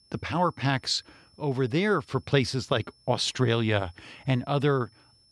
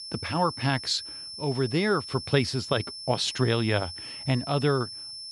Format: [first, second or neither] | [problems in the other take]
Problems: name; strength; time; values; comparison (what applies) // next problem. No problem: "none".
first | high-pitched whine; loud; throughout; 5.5 kHz, 9 dB below the speech; faint in the first